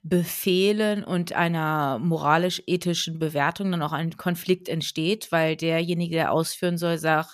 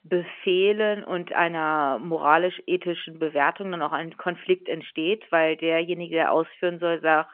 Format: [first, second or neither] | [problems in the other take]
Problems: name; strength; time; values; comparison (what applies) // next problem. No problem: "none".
first | phone-call audio; nothing above 3 kHz